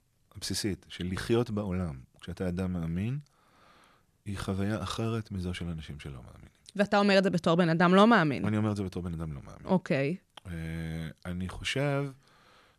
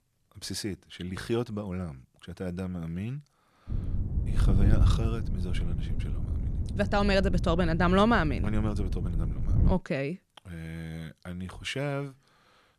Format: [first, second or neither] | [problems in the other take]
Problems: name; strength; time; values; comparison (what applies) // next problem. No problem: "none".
first | wind noise on the microphone; occasional gusts; from 3.5 to 9.5 s; 15 dB below the speech